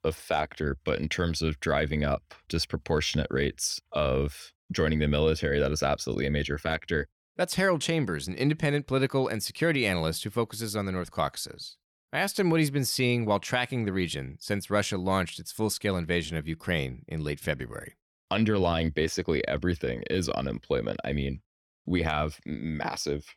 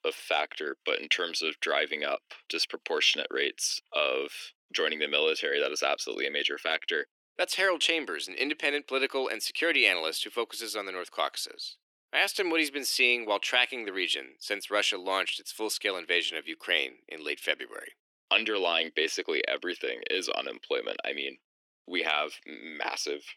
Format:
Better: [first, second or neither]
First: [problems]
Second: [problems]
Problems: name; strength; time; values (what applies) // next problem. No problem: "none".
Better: first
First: none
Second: thin; very; fading below 300 Hz